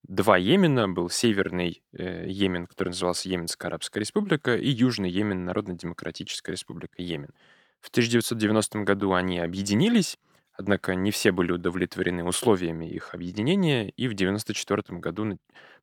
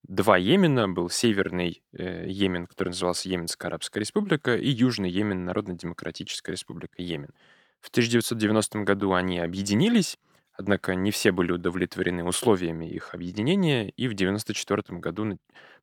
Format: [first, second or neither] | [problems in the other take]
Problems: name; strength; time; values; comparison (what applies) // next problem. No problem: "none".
neither | none